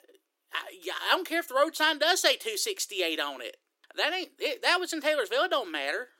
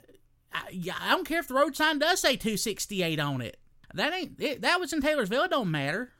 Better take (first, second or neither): second